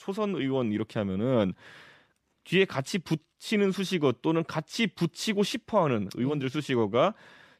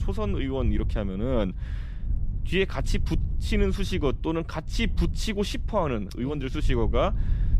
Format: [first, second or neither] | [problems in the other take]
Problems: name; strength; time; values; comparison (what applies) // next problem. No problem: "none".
first | wind noise on the microphone; occasional gusts; 20 dB below the speech